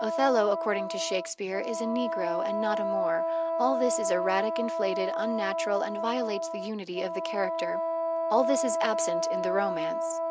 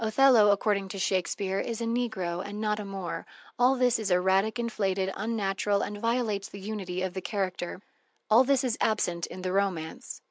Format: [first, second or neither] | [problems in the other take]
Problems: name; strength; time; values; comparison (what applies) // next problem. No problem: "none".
second | background sound (Wind instrument, woodwind instrument); as loud as the speech